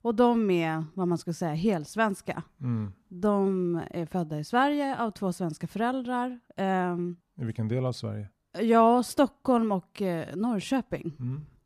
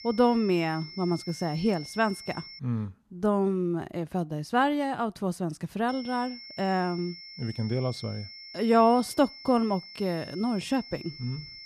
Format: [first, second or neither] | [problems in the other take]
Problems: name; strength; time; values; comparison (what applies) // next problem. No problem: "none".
first | high-pitched whine; noticeable; until 2.5 s and from 6 s on; 5.5 kHz, 15 dB below the speech